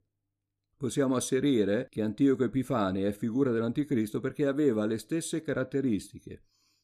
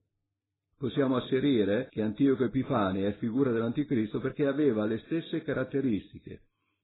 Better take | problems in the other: first | garbled, watery; badly; nothing above 4 kHz

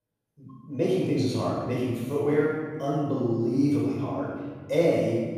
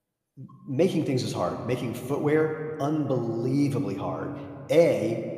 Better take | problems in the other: second | room echo; strong; dies away in 1.8 s; slight in the second // off-mic speech; far

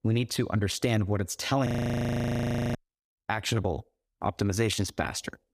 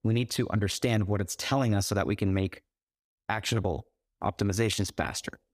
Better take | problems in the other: second | audio freezing; at 1.5 s for 1 s

